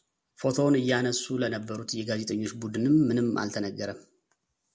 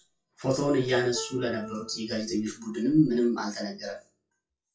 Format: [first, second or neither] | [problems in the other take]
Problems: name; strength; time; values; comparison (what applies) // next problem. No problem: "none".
first | noise reduction (classical method WPE with log-MMSE)